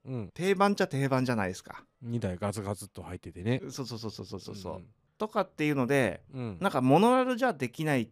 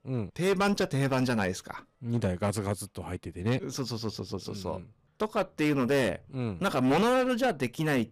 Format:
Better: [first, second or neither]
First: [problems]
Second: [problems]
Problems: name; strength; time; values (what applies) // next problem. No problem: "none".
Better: first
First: none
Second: distortion; heavy; 9% of the sound clipped